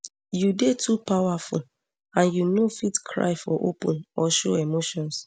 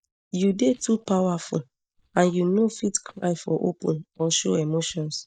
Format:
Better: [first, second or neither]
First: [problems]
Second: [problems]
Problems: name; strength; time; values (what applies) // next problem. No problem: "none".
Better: first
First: none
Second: noise reduction (neural mask model DeepFilterNet 3)